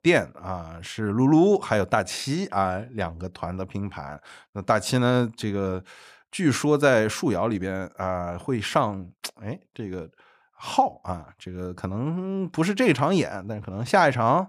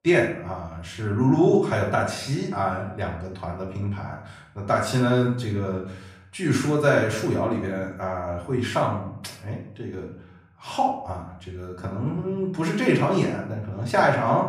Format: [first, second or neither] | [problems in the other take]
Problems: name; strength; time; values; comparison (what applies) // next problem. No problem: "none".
first | off-mic speech; far // room echo; noticeable; dies away in 0.6 s